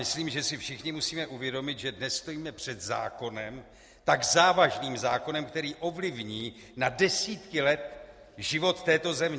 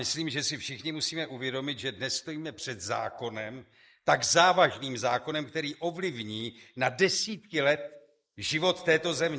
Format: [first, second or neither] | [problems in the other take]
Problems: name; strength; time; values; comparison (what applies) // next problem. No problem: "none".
first | noise reduction (neural mask model Resemble Enhance denoiser)